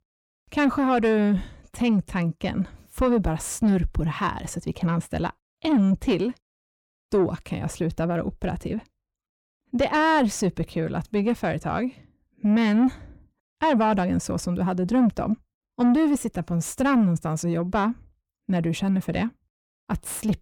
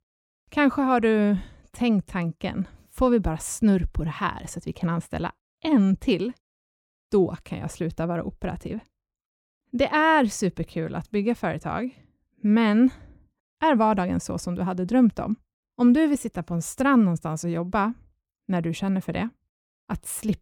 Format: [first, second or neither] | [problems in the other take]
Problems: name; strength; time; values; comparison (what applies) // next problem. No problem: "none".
second | distortion; slight; 10 dB below the speech